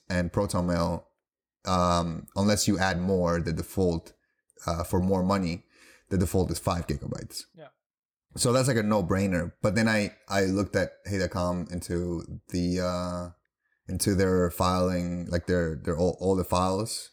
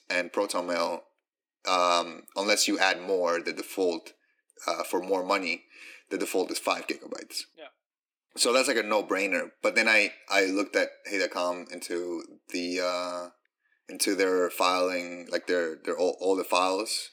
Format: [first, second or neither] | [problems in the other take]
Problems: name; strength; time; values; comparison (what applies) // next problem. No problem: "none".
first | thin; somewhat; fading below 300 Hz